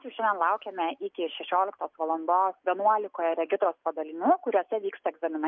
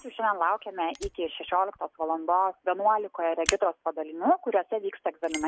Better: first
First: none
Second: background sound (Fire); 14 dB below the speech

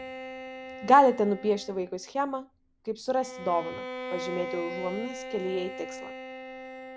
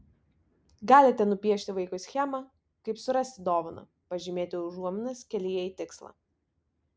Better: second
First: background sound (Bowed string instrument); 10 dB below the speech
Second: none

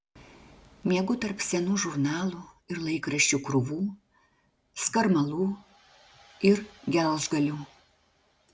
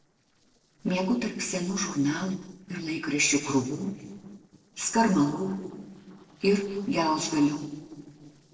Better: first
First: none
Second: noise reduction (neural separator model SepFormer DNS4)

